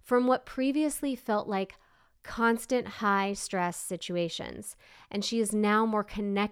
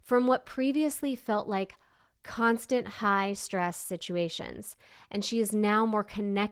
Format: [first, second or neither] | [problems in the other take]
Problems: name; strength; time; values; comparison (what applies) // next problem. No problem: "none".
first | garbled, watery; slightly